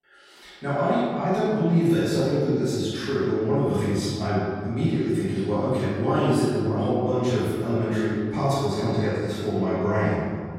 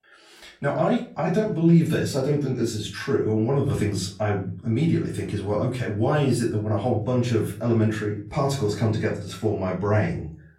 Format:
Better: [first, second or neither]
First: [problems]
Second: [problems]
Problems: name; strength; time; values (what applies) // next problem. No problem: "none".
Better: second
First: room echo; strong; dies away in 1.7 s // off-mic speech; far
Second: room echo; slight; dies away in 0.3 s // off-mic speech; far